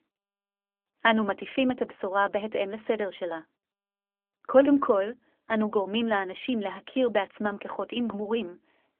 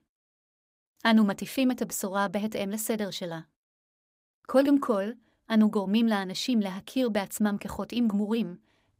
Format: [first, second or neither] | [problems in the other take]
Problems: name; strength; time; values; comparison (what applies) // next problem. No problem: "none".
second | phone-call audio; nothing above 3.5 kHz